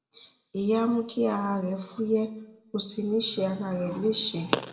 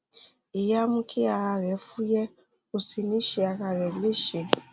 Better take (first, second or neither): second